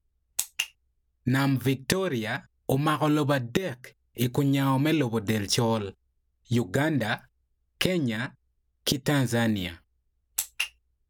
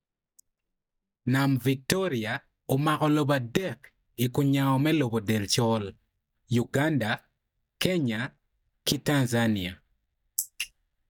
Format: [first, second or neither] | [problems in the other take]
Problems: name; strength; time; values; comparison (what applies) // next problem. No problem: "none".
first | noise reduction (neural mask model DeepFilterNet 3)